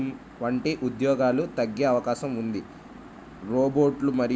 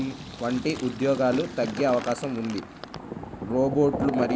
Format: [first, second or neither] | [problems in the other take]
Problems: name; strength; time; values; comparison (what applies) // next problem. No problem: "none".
first | background sound (Fill (with liquid)); 9 dB below the speech